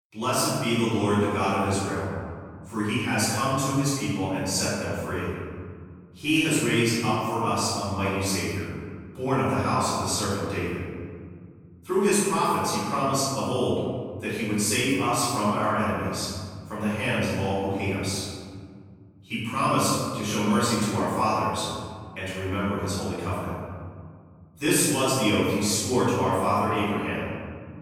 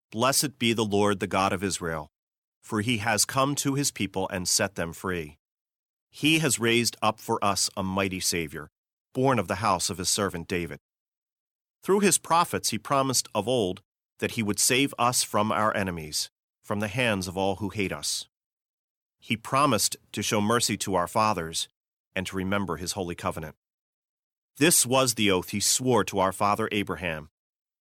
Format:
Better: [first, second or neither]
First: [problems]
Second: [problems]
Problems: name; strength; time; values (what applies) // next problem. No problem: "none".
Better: second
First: room echo; strong; dies away in 2.2 s // off-mic speech; far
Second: none